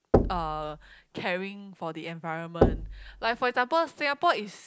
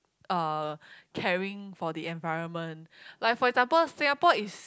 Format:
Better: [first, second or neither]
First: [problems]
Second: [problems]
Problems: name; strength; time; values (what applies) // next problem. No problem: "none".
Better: second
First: background sound (Knock); as loud as the speech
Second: none